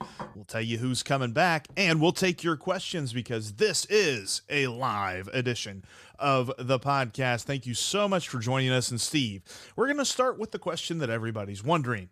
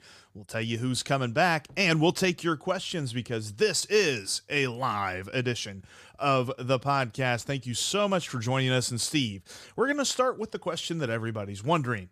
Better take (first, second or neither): second